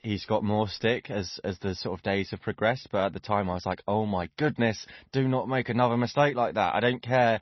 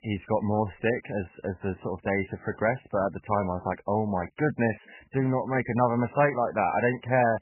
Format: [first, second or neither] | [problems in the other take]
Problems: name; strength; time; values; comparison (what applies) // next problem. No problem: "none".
first | garbled, watery; badly; nothing above 3 kHz; slightly in the first